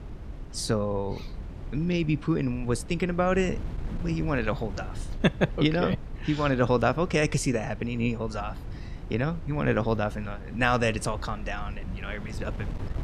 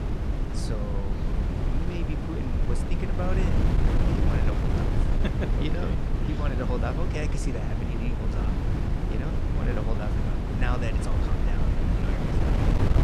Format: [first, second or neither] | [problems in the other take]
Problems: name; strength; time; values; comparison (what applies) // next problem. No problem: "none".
first | wind noise on the microphone; heavy; 2 dB above the speech; occasional gusts in the first